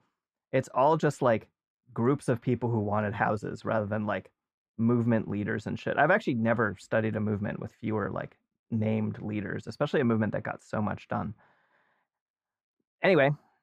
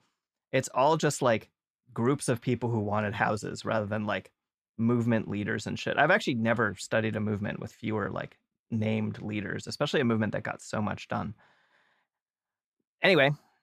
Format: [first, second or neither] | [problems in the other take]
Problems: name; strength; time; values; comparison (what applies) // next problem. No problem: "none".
second | muffled; slightly; fading above 2.5 kHz